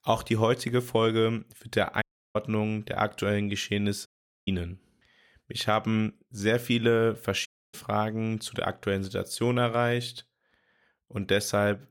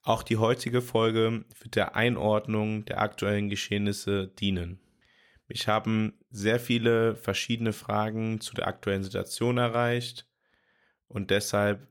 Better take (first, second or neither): second